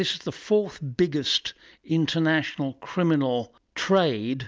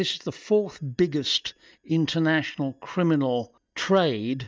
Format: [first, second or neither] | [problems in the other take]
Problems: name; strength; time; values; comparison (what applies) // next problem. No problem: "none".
first | noise reduction (neural mask model DeepFilterNet 3)